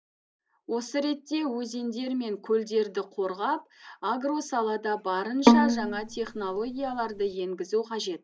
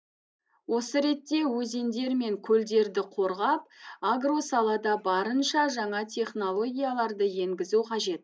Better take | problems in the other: second | background sound (Bowed string instrument); 5 dB above the speech

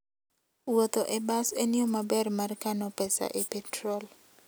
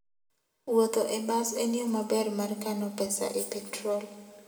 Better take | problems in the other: first | room echo; dies away in 1.6 s

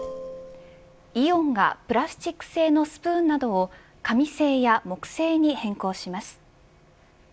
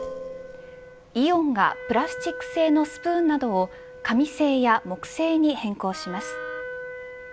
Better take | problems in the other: first | background sound (Wind instrument, woodwind instrument + Wind instrument, woodwind instrument); 14 dB below the speech

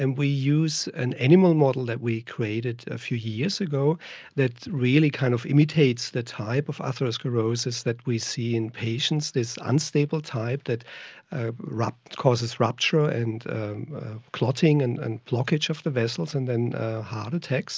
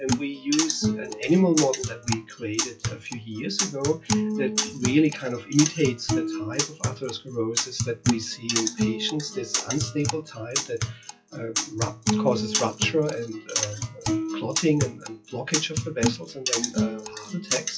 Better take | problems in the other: first | noise reduction (classical method WPE with log-MMSE)

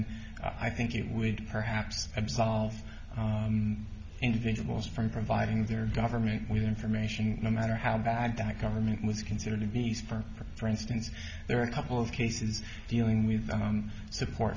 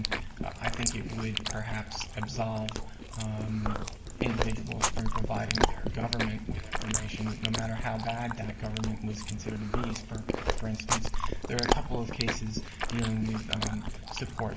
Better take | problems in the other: first | noise reduction (neural mask model Resemble Enhance denoiser)

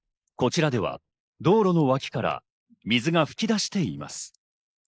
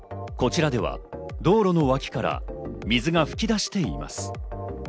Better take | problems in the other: second | noise reduction (neural mask model Resemble Enhance denoiser)

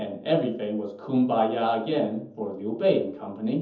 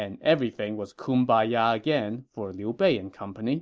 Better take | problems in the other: second | room echo; dies away in 0.7 s

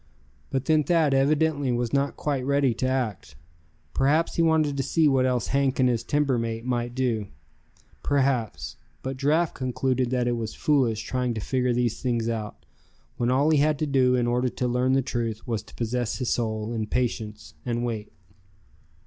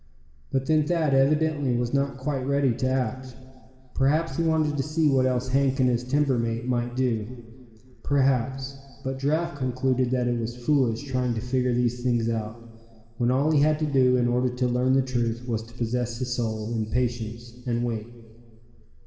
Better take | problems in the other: first | room echo; dies away in 2.2 s

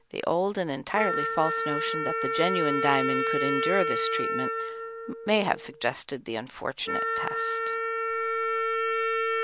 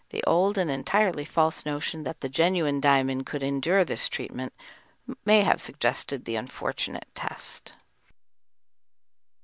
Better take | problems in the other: second | background sound (Wind instrument, woodwind instrument); 1 dB above the speech

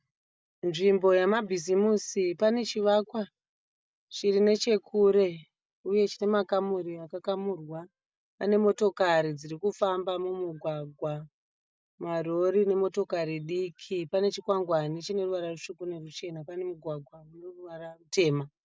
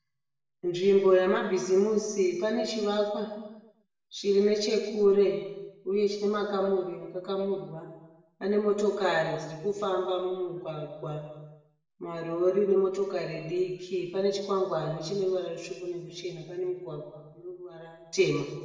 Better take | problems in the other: first | room echo; dies away in 1 s

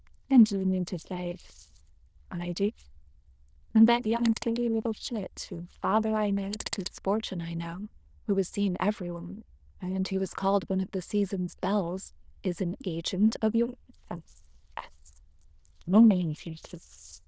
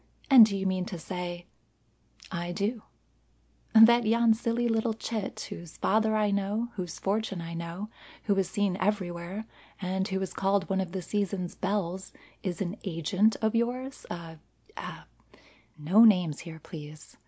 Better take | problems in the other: second | noise reduction (neural diffusion model UNIVERSE++)

